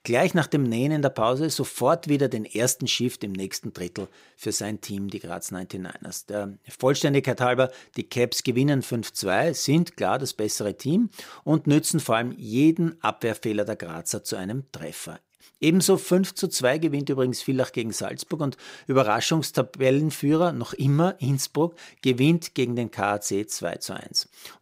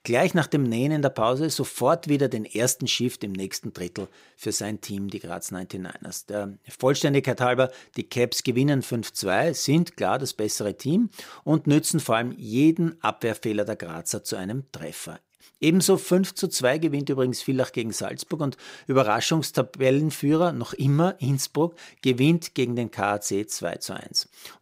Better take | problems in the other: neither | none

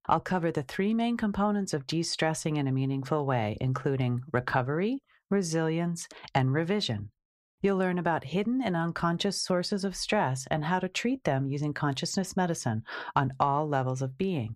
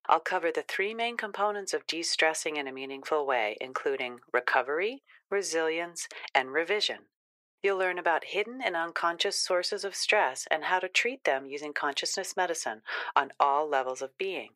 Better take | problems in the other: first | thin; very; fading below 400 Hz

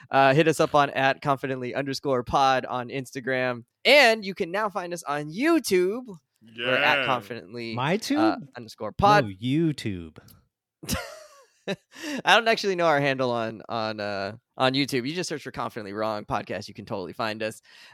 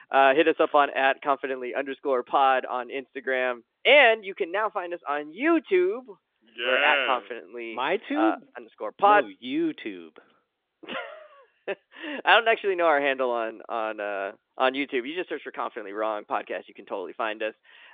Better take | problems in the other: first | phone-call audio

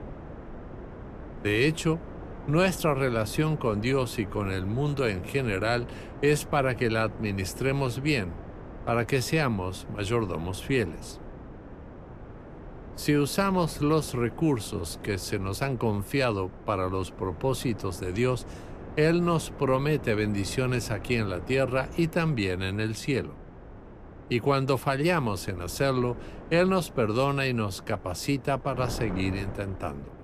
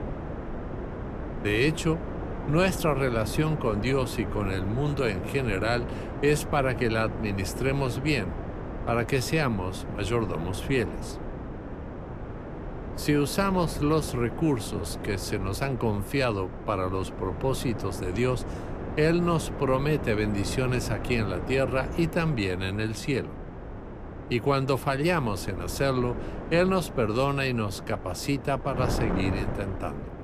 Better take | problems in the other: first | wind noise on the microphone; heavy; 10 dB below the speech; occasional gusts in the first

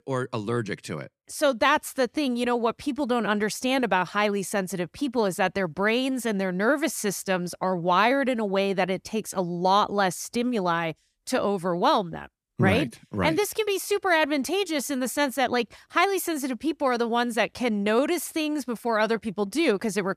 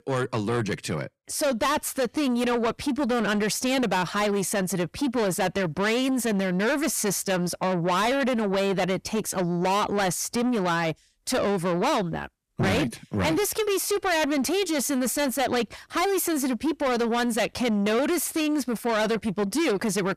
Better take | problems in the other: first | distortion; heavy; 6 dB below the speech

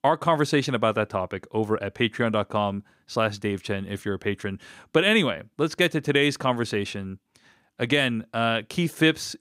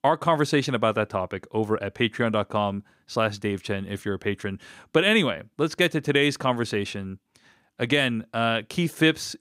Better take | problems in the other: neither | none

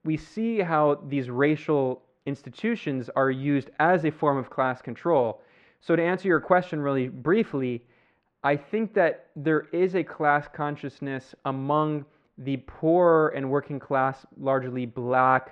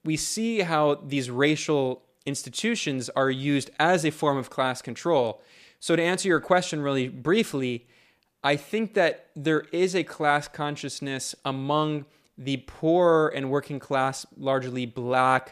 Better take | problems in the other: second | muffled; very; fading above 1.5 kHz

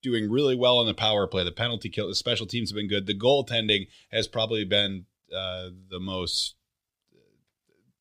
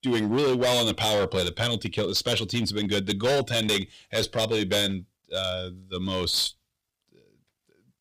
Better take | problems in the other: first | distortion; heavy; 11% of the sound clipped

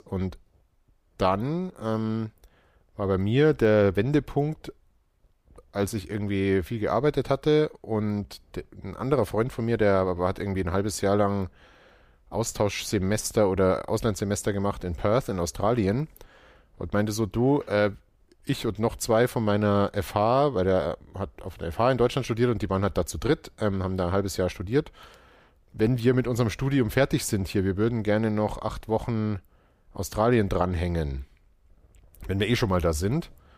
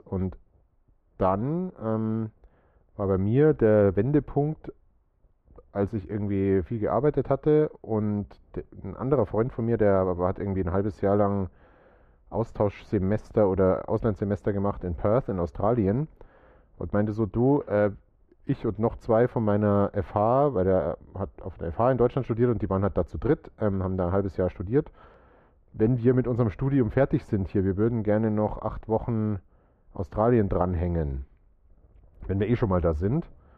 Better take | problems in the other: first | muffled; very; fading above 3.5 kHz

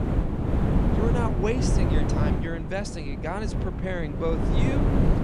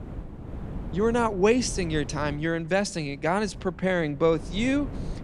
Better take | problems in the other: second | wind noise on the microphone; heavy; as loud as the speech; occasional gusts in the second

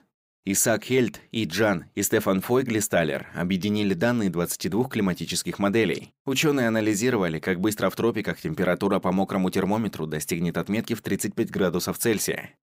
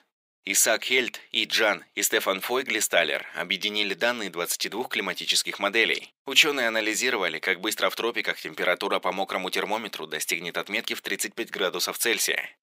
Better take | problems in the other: first | thin; very; fading below 500 Hz

